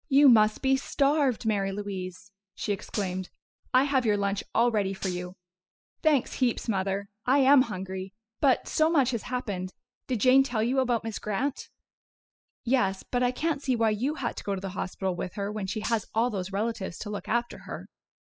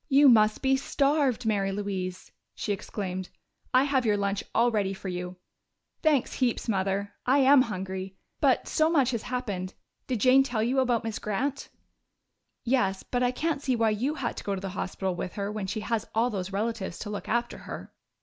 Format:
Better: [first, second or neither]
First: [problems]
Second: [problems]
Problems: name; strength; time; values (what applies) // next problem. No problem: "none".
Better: second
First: noise reduction (classical method spectral subtraction)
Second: none